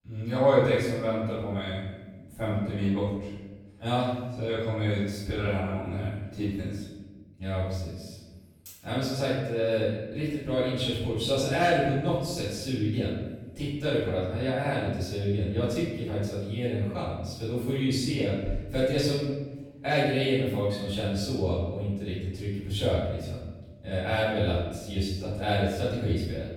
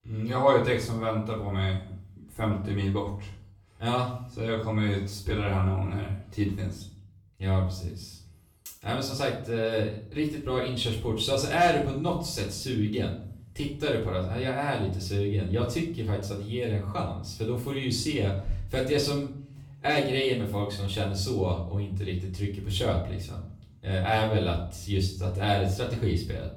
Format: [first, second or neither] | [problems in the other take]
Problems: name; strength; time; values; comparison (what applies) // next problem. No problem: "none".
second | room echo; strong; dies away in 1.1 s; slight in the second // off-mic speech; far; far in the second